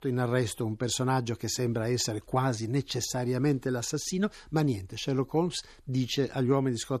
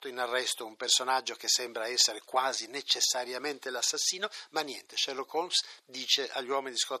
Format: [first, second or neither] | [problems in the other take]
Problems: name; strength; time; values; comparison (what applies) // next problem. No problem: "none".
first | thin; very; fading below 550 Hz